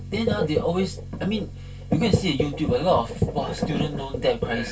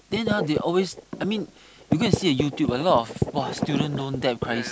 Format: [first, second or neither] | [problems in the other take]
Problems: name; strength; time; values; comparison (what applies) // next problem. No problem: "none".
second | background sound (Piano); 14 dB below the speech // room echo; dies away in 0.2 s